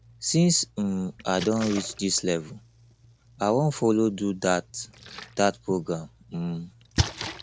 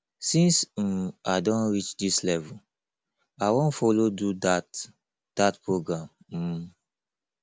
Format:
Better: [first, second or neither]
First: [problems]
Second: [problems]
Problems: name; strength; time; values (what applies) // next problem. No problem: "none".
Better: second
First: background sound (Splash, splatter); 11 dB below the speech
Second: none